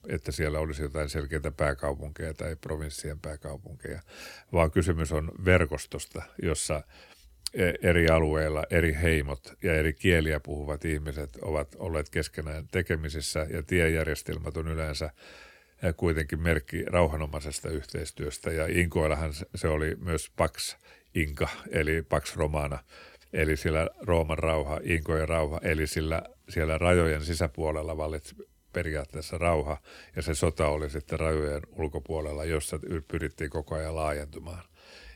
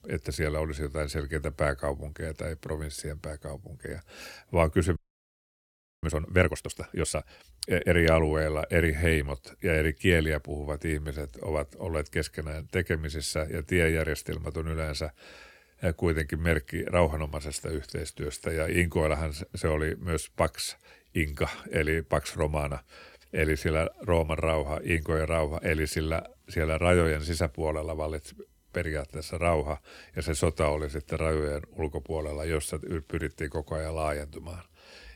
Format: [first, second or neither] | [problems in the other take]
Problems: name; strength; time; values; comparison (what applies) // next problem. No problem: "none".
first | audio freezing; at 5 s for 1 s